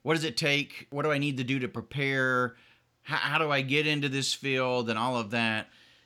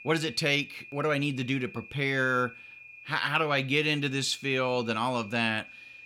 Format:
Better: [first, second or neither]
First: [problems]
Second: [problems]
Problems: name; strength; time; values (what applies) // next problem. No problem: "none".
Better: first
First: none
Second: high-pitched whine; noticeable; throughout; 2.5 kHz, 20 dB below the speech